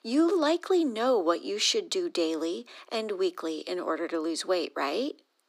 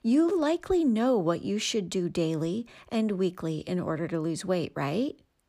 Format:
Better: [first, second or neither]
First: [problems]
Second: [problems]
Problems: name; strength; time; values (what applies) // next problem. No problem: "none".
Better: second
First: thin; somewhat; fading below 300 Hz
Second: none